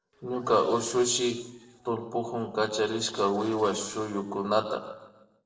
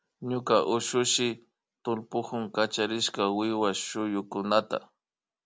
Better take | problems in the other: second | noise reduction (neural separator model SepFormer DNS4)

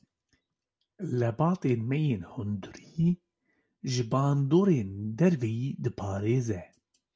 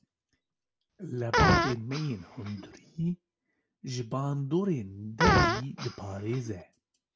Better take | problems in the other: first | background sound (Fart); 4 dB above the speech

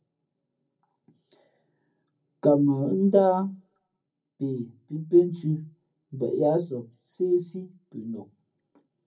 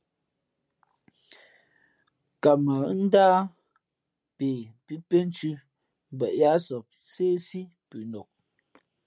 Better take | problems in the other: second | room echo; dies away in 0.4 s

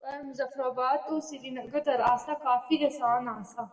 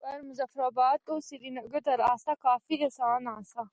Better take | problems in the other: second | room echo; dies away in 0.8 s

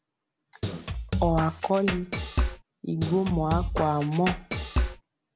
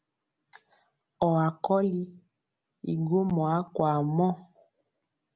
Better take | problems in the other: second | background sound (Drum kit); 1 dB below the speech

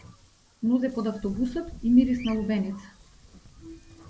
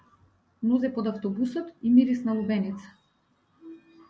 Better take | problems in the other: second | background sound (Bird vocalization, bird call, bird song + Wind); 17 dB below the speech

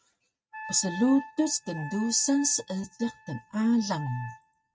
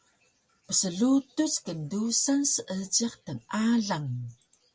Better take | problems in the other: second | noise reduction (neural mask model RNNoise)

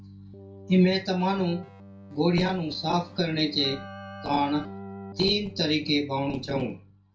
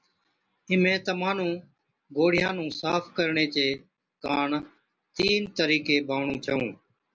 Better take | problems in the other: second | background sound (Keyboard (musical)); 16 dB below the speech // room echo; dies away in 0.2 s

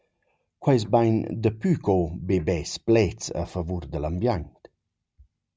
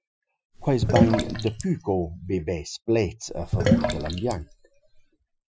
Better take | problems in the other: first | noise reduction (classical method Wiener filter)

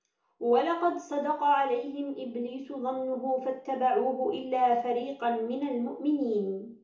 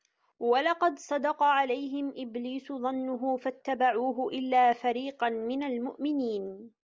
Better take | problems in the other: second | room echo; dies away in 0.8 s

